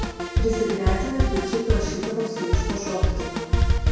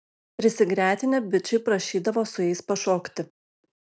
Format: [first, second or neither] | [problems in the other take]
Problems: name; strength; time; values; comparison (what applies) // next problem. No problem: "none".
second | background sound (Drum kit); 4 dB above the speech // room echo; dies away in 0.9 s